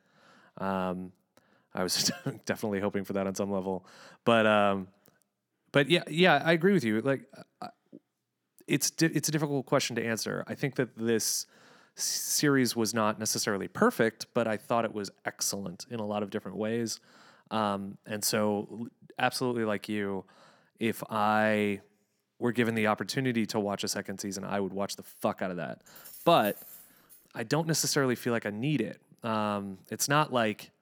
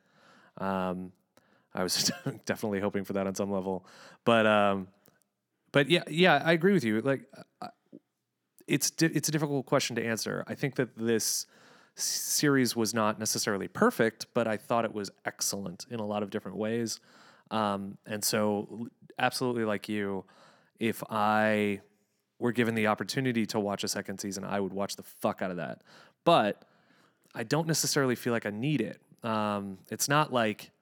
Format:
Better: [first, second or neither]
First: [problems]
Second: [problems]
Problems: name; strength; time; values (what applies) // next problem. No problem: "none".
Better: second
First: jangling keys; faint; from 26 to 27 s; peak 15 dB below the speech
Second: none